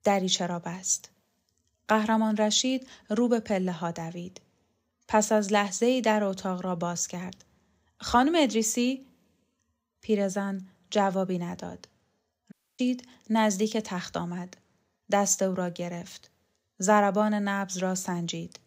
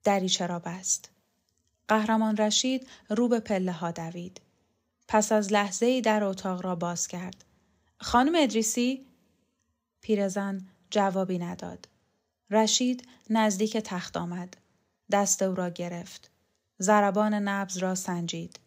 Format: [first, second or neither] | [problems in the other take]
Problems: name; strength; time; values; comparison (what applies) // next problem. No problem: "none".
second | audio cutting out; at 13 s